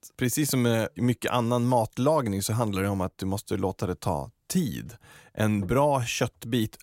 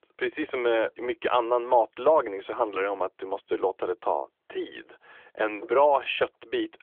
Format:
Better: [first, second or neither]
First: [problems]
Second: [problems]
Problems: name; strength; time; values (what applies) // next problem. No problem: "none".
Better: first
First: none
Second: phone-call audio; nothing above 3.5 kHz